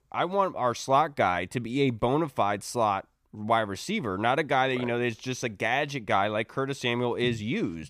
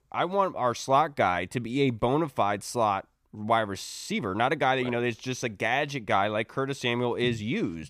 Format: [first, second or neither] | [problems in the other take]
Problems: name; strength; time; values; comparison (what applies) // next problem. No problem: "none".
first | audio freezing; at 4 s